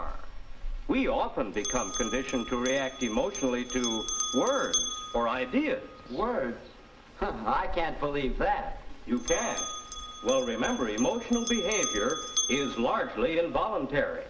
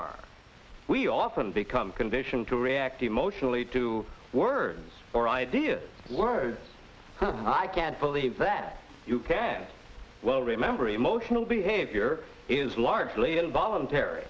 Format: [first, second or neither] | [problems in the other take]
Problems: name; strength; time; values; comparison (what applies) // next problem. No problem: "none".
second | background sound (Bell); 6 dB below the speech // room echo; dies away in 2.8 s